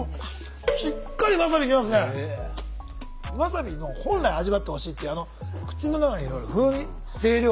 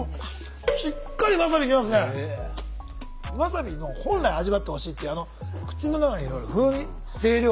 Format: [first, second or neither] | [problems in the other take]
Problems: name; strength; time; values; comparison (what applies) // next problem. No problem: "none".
second | background sound (Brass instrument); 19 dB below the speech